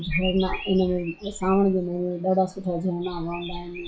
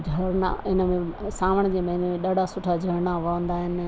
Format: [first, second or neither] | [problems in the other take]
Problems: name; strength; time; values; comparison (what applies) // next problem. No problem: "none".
second | noise reduction (classical method WPE with log-MMSE)